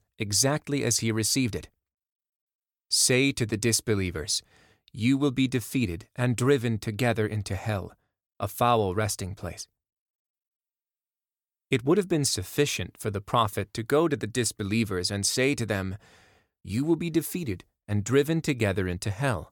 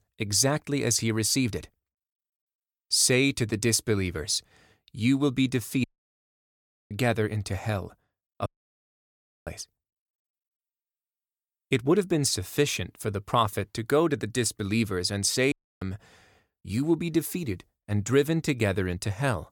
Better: first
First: none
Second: audio cutting out; at 6 s for 1 s, at 8.5 s for 1 s and at 16 s

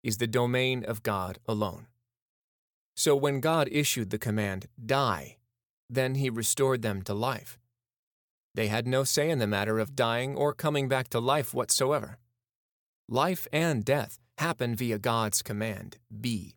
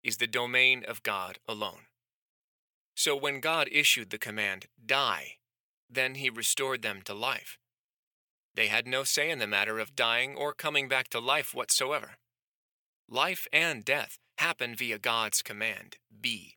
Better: first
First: none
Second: thin; somewhat; fading below 800 Hz

